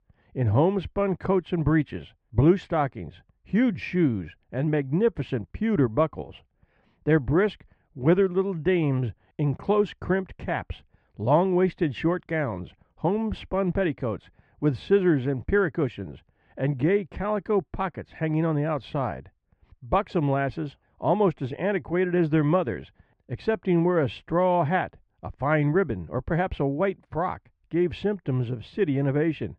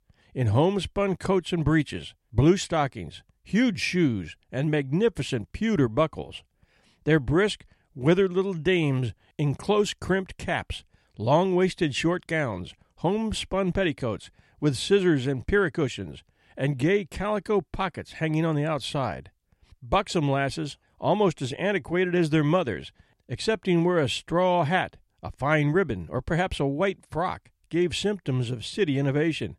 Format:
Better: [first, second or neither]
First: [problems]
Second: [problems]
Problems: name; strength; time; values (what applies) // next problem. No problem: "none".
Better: second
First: muffled; very; fading above 1.5 kHz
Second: none